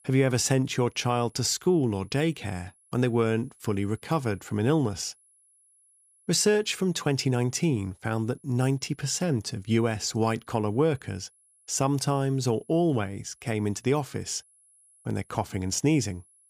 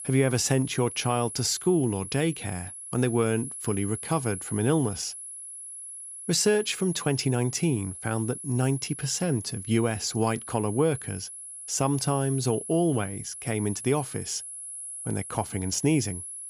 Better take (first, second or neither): first